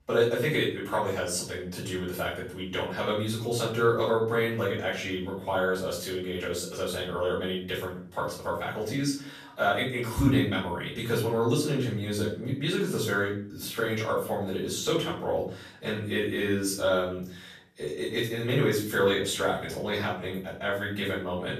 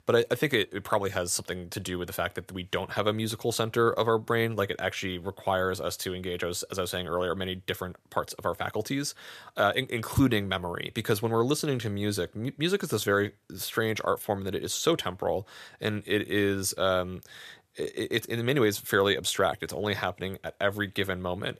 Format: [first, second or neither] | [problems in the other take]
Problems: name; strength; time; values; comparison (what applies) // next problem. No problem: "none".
second | off-mic speech; far // room echo; noticeable; dies away in 0.4 s